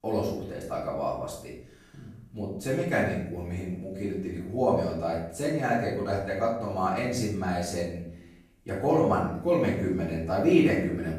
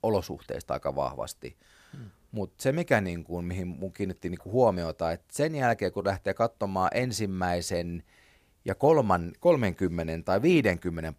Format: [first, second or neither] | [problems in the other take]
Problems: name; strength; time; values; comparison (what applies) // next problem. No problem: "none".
second | off-mic speech; far // room echo; noticeable; dies away in 0.6 s